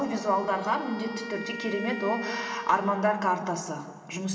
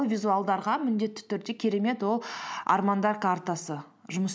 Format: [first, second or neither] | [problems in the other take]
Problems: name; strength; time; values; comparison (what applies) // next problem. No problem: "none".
second | background sound (Wind instrument, woodwind instrument); 12 dB below the speech // room echo; dies away in 2.2 s